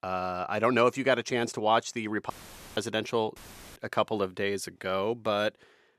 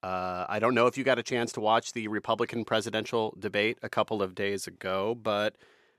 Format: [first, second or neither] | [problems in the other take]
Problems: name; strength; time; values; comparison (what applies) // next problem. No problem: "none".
second | audio cutting out; filled with static; at 2.5 s and at 3.5 s